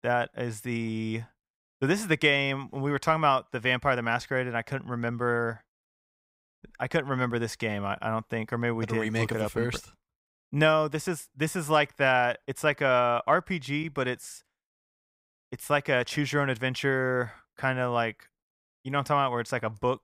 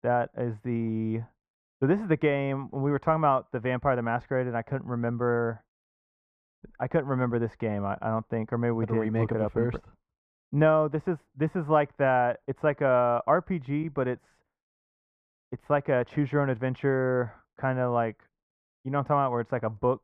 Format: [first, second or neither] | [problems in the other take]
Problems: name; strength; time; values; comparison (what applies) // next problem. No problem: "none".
first | muffled; very; fading above 3 kHz